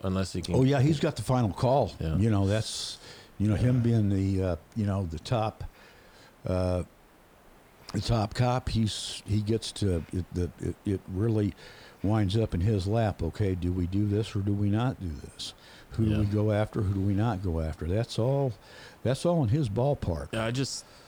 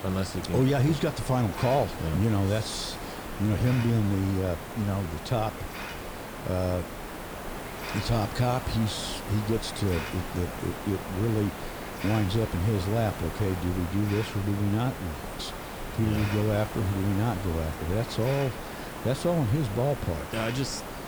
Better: first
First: hiss; faint; throughout; 30 dB below the speech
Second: hiss; loud; throughout; 8 dB below the speech

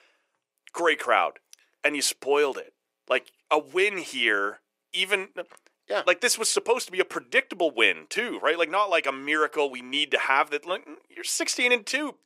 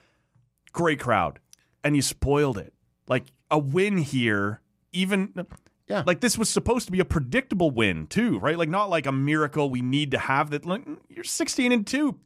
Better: second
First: thin; very; fading below 400 Hz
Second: none

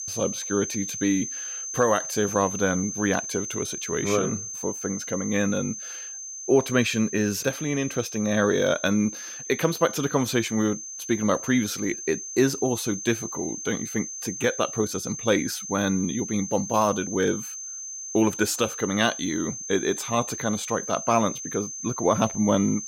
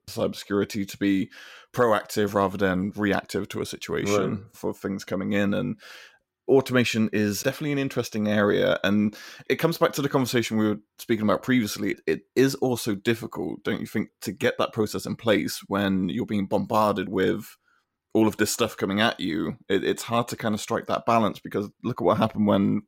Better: second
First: high-pitched whine; loud; throughout; 6.5 kHz, 7 dB below the speech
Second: none

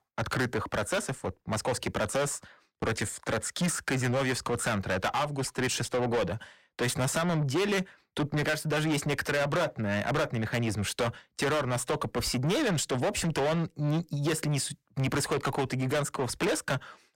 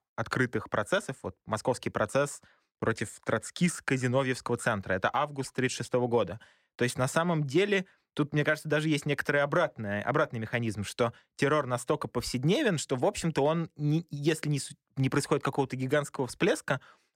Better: second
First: distortion; heavy; 6 dB below the speech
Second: none

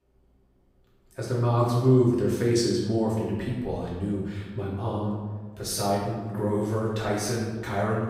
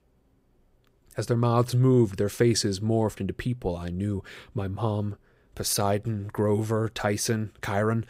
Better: second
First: room echo; noticeable; dies away in 1.1 s // off-mic speech; far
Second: none

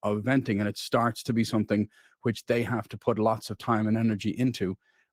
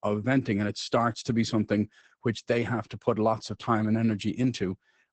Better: first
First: garbled, watery; slightly; nothing above 15.5 kHz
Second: garbled, watery; badly; nothing above 8 kHz

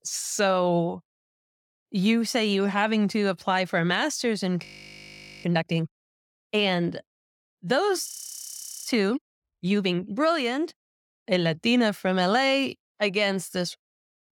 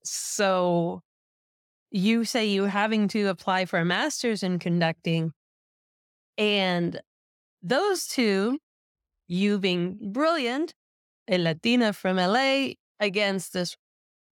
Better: second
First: audio freezing; at 4.5 s for 1 s and at 8 s for 1 s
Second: none

